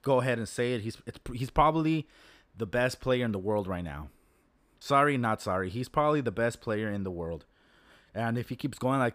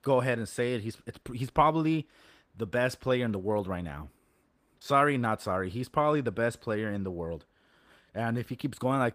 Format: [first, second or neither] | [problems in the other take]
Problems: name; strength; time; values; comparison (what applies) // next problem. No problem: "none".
first | garbled, watery; slightly; nothing above 15 kHz